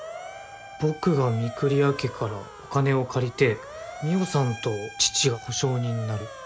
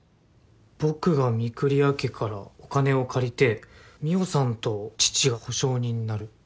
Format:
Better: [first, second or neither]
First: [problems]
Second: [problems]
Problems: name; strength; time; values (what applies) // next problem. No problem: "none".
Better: second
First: background sound (Motor vehicle (road) / Siren); 14 dB below the speech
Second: none